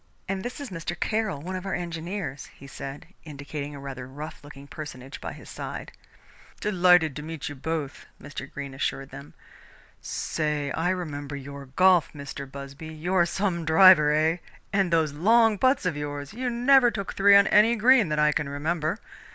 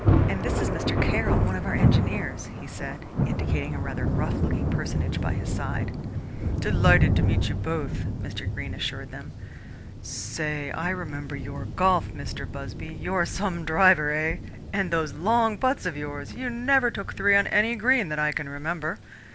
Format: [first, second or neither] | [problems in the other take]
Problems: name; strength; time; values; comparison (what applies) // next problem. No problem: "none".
first | background sound (Thunder); 1 dB above the speech